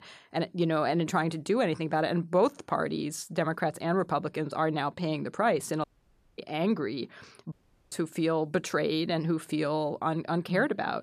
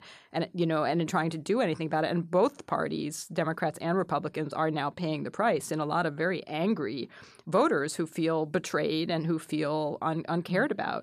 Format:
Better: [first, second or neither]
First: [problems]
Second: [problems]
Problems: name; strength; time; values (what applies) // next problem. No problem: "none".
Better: second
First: audio cutting out; at 6 s for 0.5 s and at 7.5 s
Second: none